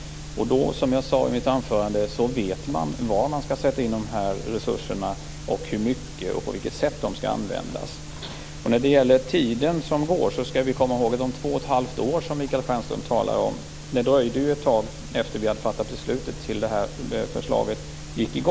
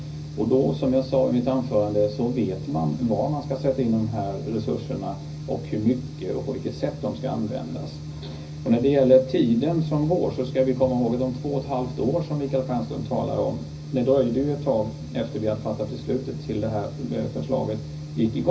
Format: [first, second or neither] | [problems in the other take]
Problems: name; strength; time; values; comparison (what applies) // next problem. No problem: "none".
first | room echo; dies away in 0.4 s